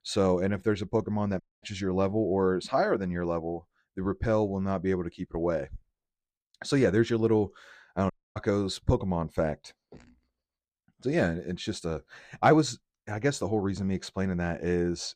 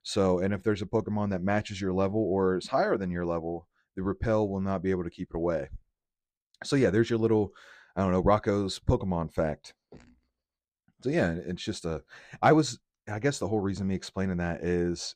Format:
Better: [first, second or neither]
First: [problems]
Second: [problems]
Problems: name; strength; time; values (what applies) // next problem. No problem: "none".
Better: second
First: audio cutting out; at 1.5 s and at 8 s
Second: none